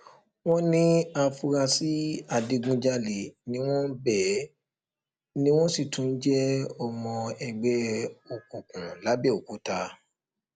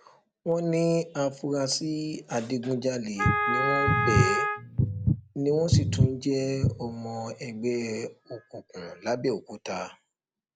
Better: first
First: none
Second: background sound (Bass guitar + Wind instrument, woodwind instrument); 4 dB above the speech

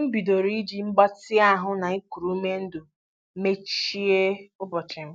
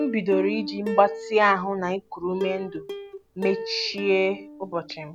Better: first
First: none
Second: background sound (Plucked string instrument); 9 dB below the speech

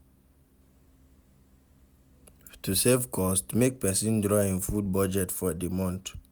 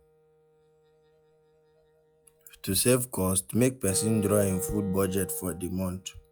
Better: first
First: none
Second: noise reduction (classical method log-MMSE)

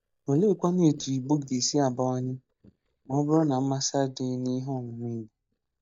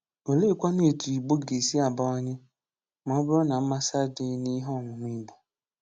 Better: second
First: noise reduction (neural mask model DeepFilterNet 3)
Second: none

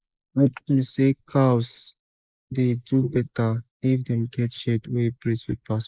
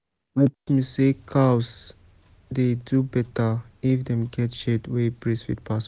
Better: second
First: noise reduction (neural mask model Resemble Enhance denoiser)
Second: none

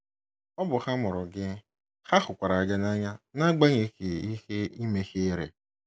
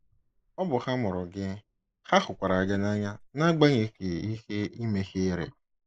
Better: first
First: none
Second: noise reduction (neural mask model Resemble Enhance denoiser)

